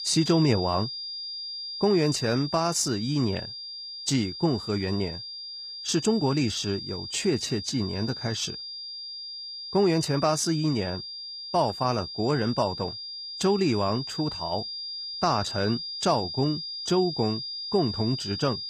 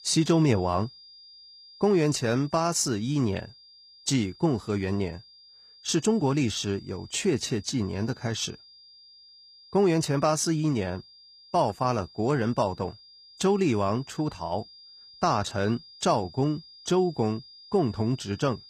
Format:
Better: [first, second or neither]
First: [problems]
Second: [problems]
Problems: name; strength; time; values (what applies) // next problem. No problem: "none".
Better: second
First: high-pitched whine; loud; throughout; 5 kHz, 7 dB below the speech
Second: high-pitched whine; faint; throughout; 5 kHz, 20 dB below the speech